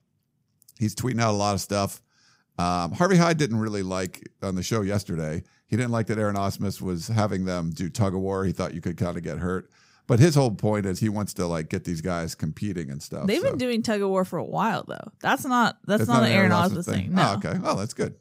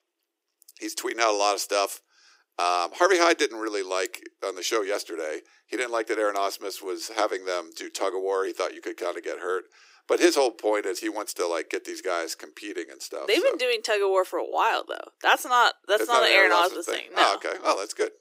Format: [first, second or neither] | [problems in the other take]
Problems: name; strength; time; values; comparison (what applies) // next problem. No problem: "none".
first | thin; very; fading below 300 Hz